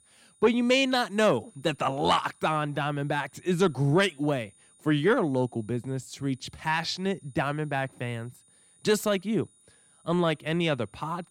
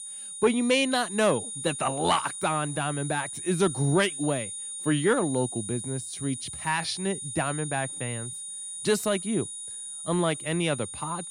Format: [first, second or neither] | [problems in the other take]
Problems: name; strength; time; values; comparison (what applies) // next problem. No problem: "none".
first | high-pitched whine; loud; throughout; 9.5 kHz, 7 dB below the speech; faint in the first